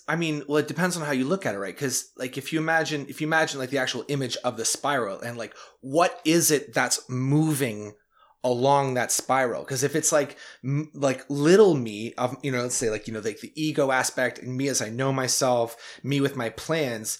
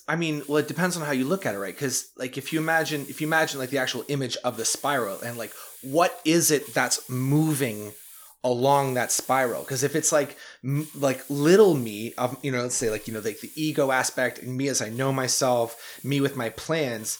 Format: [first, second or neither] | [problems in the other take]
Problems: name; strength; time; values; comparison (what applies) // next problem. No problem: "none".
first | hiss; noticeable; throughout; 20 dB below the speech